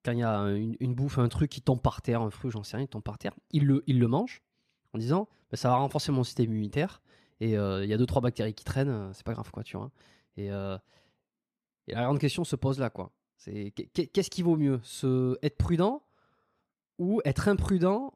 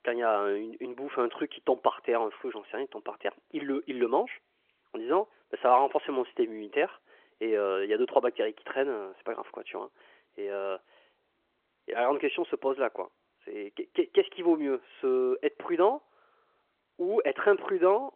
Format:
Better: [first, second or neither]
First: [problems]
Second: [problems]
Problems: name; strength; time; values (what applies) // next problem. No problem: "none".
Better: first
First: none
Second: phone-call audio